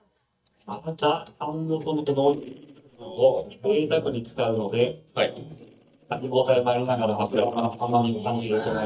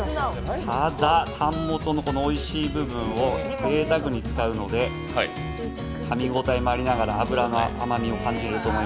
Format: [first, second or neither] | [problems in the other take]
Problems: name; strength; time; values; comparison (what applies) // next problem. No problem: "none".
second | noise reduction (neural mask model DeepFilterNet 3)